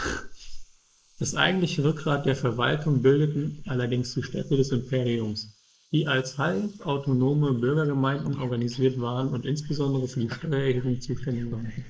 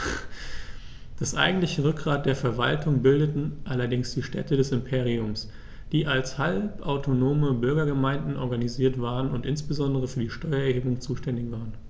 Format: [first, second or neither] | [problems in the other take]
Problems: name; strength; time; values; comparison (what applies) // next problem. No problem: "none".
second | noise reduction (neural mask model Resemble Enhance denoiser)